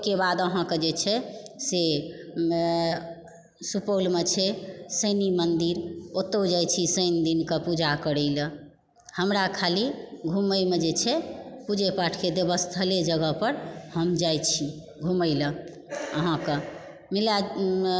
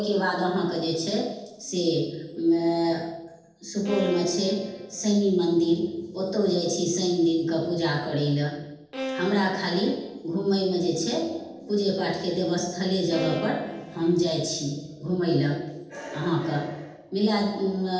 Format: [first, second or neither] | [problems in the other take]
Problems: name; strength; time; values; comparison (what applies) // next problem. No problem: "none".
first | noise reduction (neural separator model SepFormer DNS4)